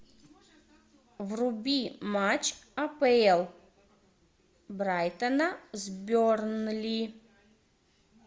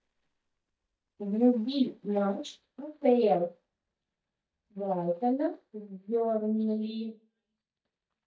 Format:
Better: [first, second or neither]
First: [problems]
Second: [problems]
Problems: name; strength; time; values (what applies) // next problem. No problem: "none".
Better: first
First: none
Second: noise reduction (neural mask model DeepFilterNet 3)